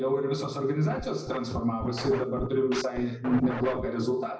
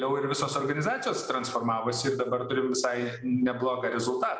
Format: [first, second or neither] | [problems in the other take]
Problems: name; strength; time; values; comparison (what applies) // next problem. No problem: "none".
second | background sound (Scratching (performance technique)); 9 dB below the speech // room echo; dies away in 0.4 s